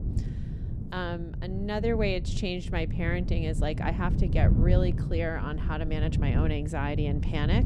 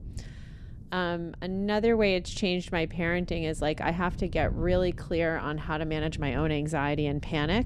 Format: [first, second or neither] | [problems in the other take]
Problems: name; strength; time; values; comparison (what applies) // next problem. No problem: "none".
second | wind noise on the microphone; heavy; 8 dB below the speech; occasional gusts in the second